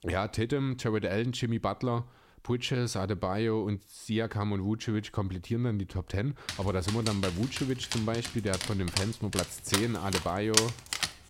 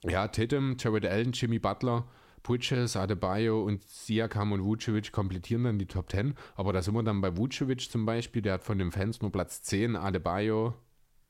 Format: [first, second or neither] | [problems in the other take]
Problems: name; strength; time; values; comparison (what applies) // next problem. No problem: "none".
second | dog barking; loud; from 6.5 s on; peak 5 dB above the speech